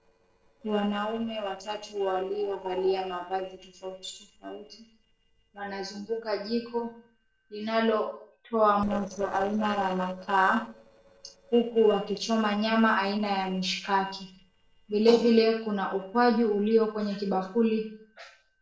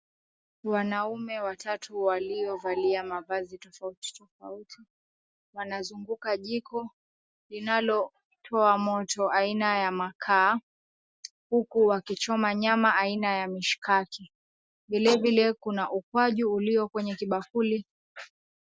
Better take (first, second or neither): second